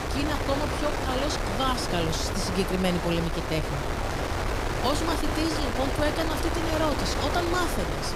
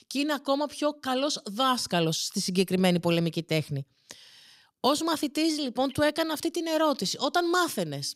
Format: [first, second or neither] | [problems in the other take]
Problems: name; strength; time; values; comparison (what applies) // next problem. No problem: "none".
second | wind noise on the microphone; heavy; as loud as the speech